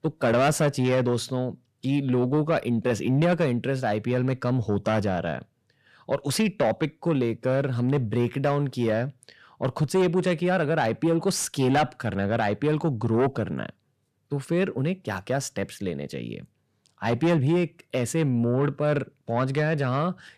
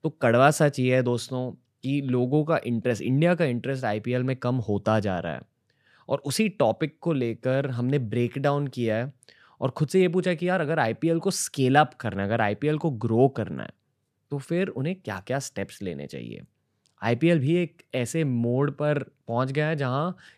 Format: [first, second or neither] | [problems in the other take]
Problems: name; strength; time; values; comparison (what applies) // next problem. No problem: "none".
second | distortion; slight; 10 dB below the speech